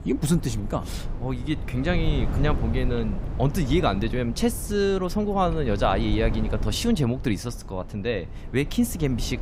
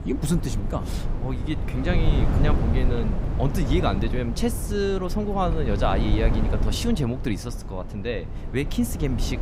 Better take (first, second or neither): first